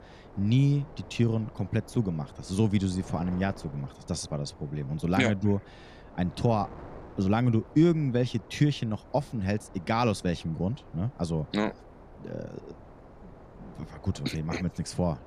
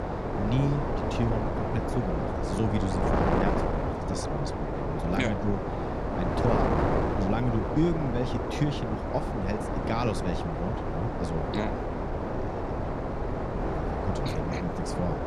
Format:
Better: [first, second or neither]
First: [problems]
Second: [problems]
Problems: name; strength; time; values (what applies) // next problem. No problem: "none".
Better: first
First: wind noise on the microphone; occasional gusts; 20 dB below the speech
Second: wind noise on the microphone; heavy; 4 dB above the speech